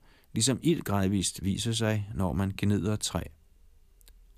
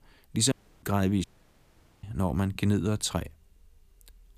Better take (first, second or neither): first